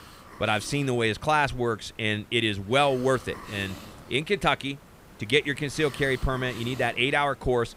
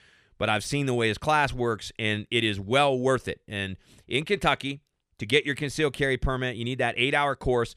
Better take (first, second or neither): second